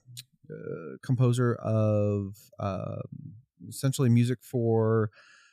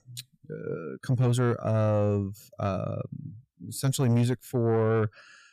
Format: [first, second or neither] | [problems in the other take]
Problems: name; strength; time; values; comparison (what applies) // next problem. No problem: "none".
first | distortion; slight; 10 dB below the speech